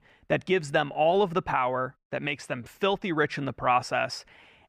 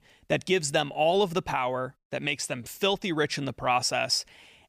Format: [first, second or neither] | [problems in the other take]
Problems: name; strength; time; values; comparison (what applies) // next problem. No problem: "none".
second | muffled; slightly; fading above 3.5 kHz